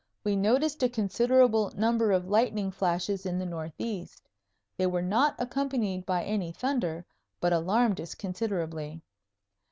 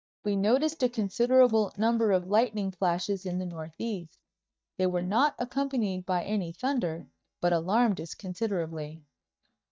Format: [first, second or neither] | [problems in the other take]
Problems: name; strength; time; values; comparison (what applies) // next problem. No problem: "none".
first | noise reduction (neural mask model DeepFilterNet 3)